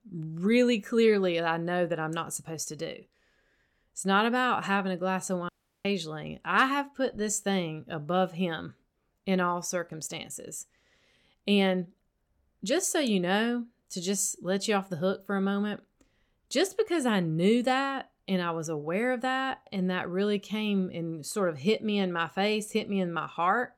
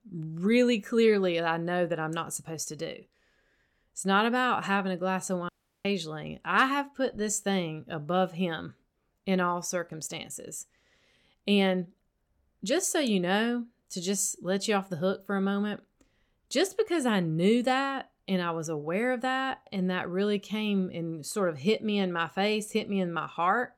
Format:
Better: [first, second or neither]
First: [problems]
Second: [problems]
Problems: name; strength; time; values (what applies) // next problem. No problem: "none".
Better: neither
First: audio cutting out; at 5.5 s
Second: audio cutting out; at 5.5 s